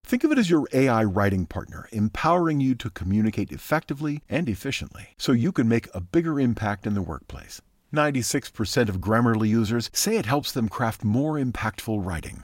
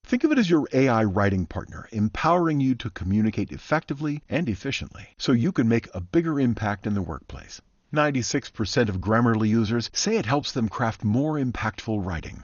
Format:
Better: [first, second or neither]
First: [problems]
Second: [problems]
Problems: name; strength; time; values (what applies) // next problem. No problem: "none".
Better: first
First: none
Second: garbled, watery; slightly; nothing above 6.5 kHz